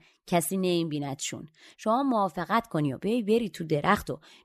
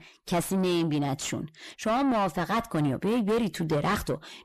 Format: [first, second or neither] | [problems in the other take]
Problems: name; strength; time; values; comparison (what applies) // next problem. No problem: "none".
first | distortion; heavy; 6 dB below the speech